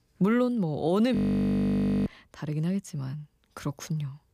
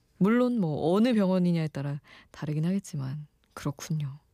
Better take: second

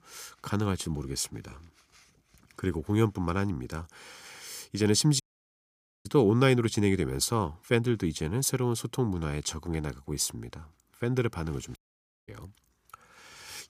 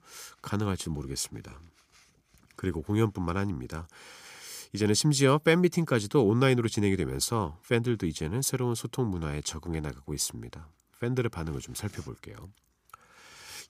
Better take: second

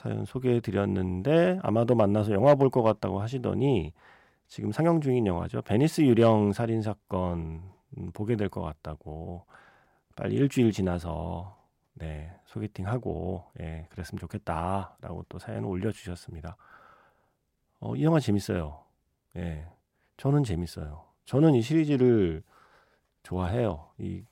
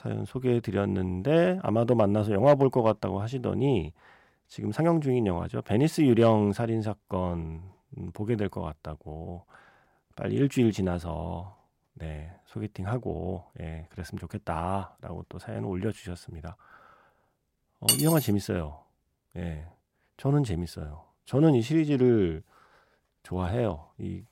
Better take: first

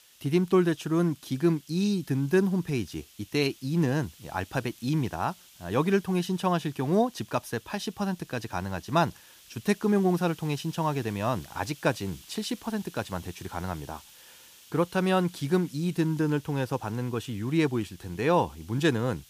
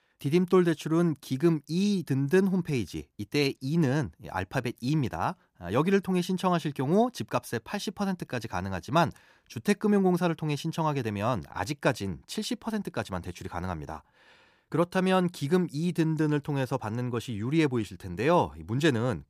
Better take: second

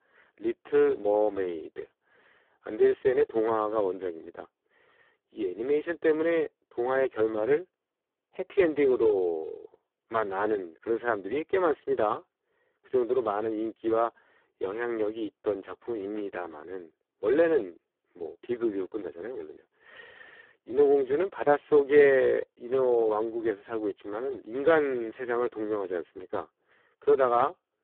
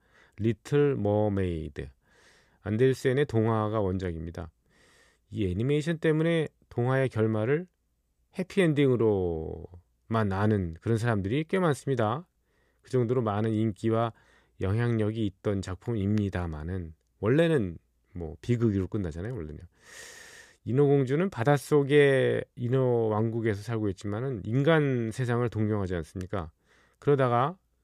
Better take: second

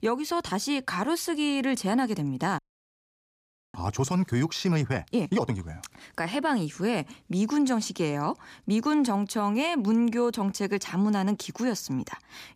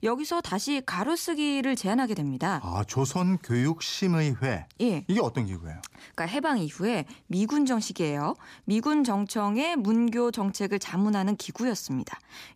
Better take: second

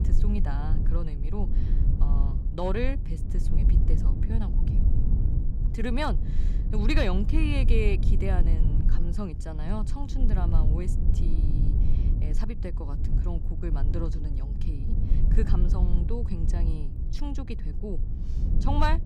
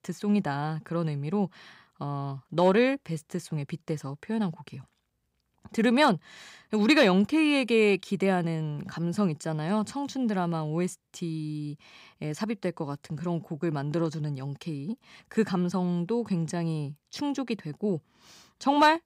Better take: second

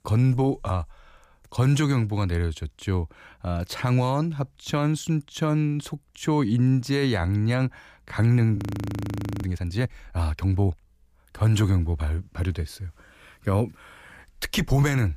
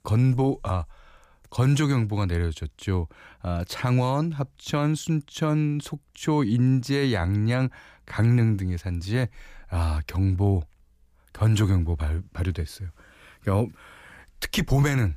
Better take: second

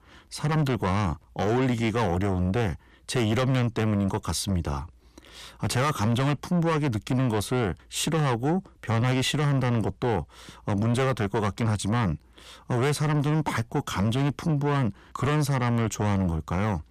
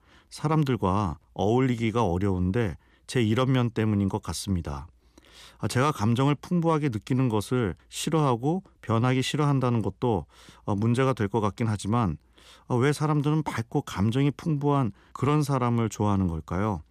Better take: second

